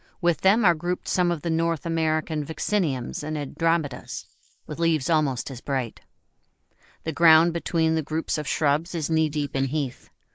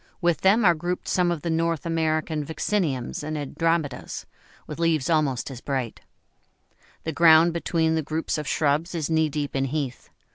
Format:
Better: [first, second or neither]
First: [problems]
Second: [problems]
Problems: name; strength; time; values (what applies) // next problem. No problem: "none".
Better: second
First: noise reduction (neural mask model Resemble Enhance denoiser)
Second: none